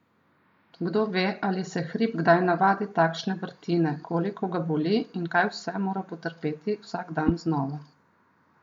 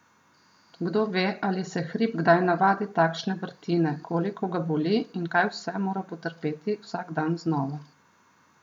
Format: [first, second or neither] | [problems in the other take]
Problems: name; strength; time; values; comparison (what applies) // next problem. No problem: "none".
second | noise reduction (neural mask model Resemble Enhance denoiser)